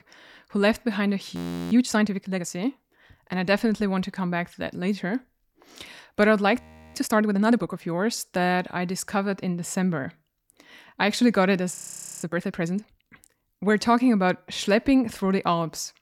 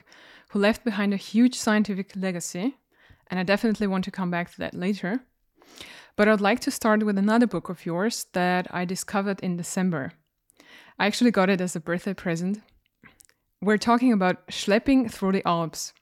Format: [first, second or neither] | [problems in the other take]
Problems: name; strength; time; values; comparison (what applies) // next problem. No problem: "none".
second | audio freezing; at 1.5 s, at 6.5 s and at 12 s